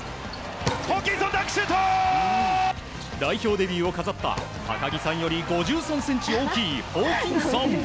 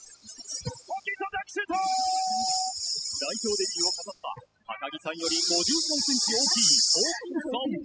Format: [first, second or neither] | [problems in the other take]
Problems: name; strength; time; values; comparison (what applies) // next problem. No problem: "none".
first | noise reduction (classical method spectral subtraction)